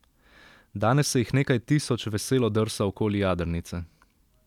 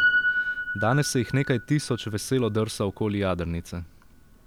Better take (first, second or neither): first